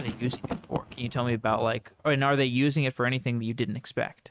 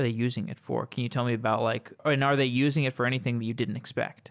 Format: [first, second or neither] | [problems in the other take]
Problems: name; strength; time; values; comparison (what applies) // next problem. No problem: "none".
second | noise reduction (neural mask model RNNoise)